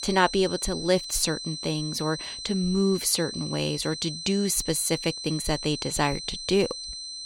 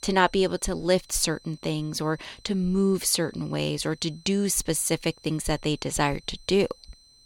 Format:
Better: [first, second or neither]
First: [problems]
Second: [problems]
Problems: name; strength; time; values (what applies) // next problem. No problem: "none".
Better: second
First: high-pitched whine; loud; throughout; 4 kHz, 7 dB below the speech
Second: high-pitched whine; faint; throughout; 4 kHz, 30 dB below the speech